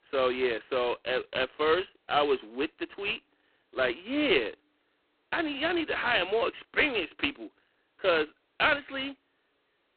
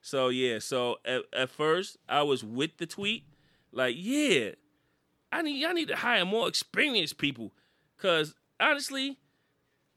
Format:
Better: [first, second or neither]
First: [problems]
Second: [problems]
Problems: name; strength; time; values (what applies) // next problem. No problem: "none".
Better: second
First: phone-call audio; poor line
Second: none